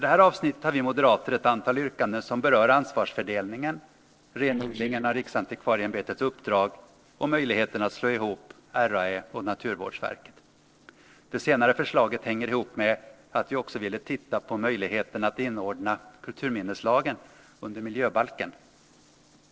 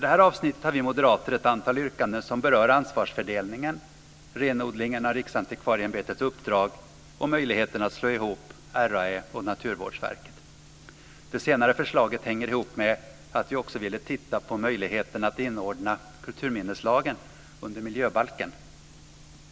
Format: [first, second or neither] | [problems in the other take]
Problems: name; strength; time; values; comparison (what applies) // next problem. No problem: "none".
second | noise reduction (neural separator model SepFormer DNS4)